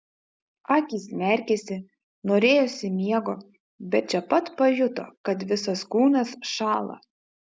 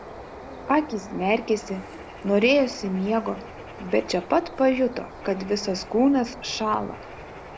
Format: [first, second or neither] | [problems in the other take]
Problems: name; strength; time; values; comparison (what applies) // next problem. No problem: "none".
first | background sound (Bird); 15 dB below the speech